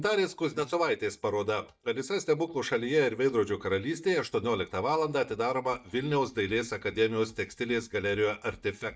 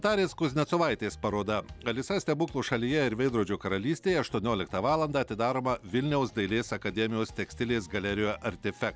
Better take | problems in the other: second | noise reduction (neural mask model DeepFilterNet 3)

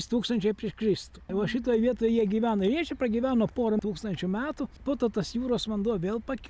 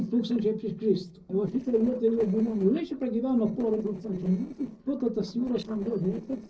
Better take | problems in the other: first | noise reduction (neural separator model SepFormer DNS4)

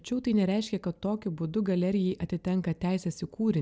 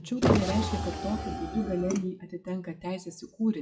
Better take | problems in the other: first | noise reduction (classical method WPE with log-MMSE)

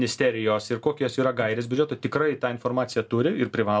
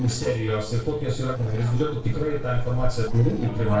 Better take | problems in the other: first | noise reduction (neural separator model SepFormer DNS4)

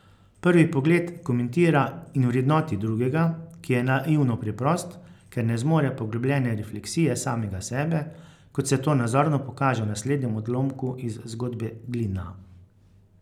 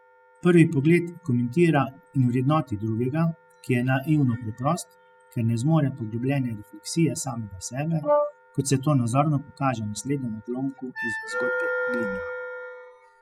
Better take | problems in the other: first | noise reduction (classical method spectral subtraction)

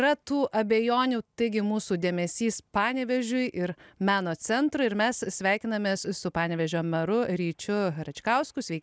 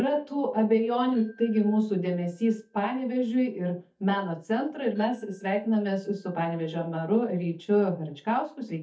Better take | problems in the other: first | noise reduction (neural mask model DeepFilterNet 3)

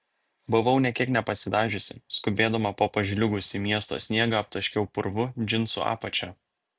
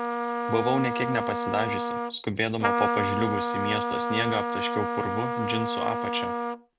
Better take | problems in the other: first | background sound (Trumpet); 1 dB above the speech

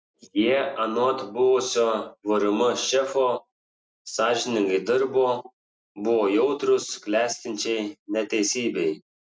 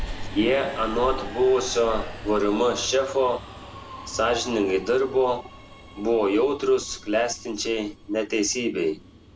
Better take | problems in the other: first | background sound (Subway, metro, underground); 13 dB below the speech

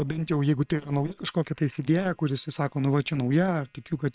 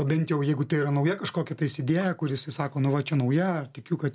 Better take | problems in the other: second | noise reduction (neural separator model SepFormer WHAM!)

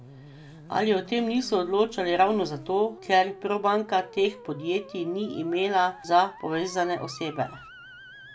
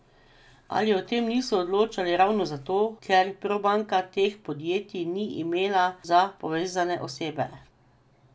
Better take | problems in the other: second | background sound (Musical instrument); 20 dB below the speech

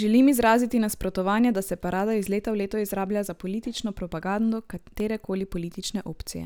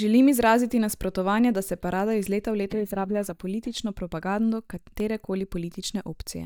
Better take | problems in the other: first | noise reduction (neural mask model DeepFilterNet 3)

